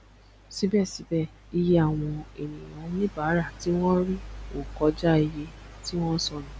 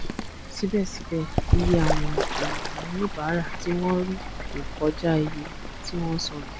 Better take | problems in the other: first | background sound (Bird / Fowl); as loud as the speech

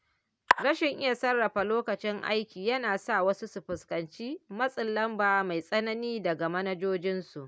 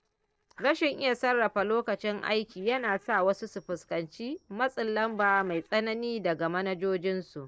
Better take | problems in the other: first | noise reduction (neural separator model SepFormer DNS4)

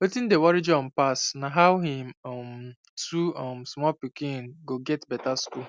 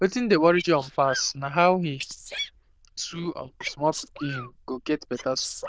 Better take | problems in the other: first | noise reduction (neural diffusion model UNIVERSE++)

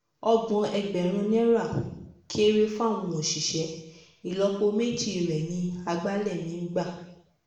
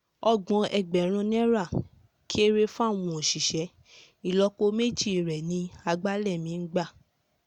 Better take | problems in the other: second | room echo; dies away in 0.8 s

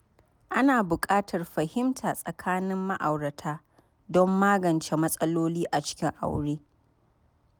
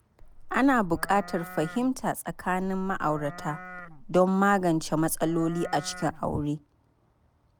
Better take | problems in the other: first | background sound (Livestock, farm animals, working animals); 13 dB below the speech

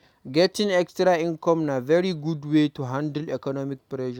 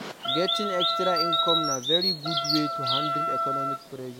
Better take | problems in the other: first | background sound (Wind instrument, woodwind instrument + Bird vocalization, bird call, bird song); 4 dB above the speech

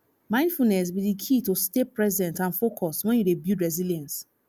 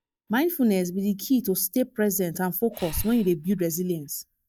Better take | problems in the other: first | noise reduction (neural mask model DeepFilterNet 3)

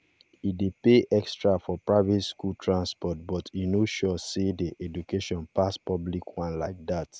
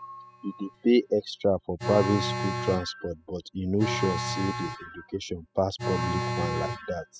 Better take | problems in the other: first | noise reduction (classical method spectral subtraction)

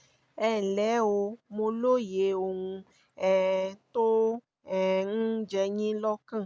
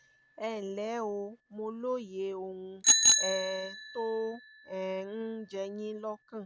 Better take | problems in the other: first | background sound (Bicycle bell); 4 dB above the speech

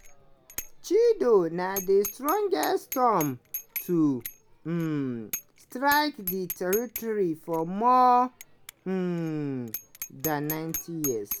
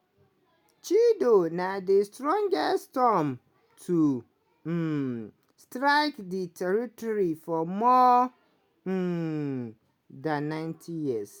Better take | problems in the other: second | background sound (Bicycle bell); 13 dB below the speech

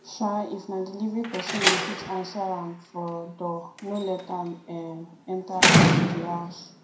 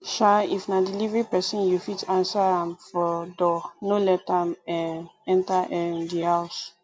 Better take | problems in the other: second | background sound (Slam); 5 dB above the speech // room echo; dies away in 0.4 s

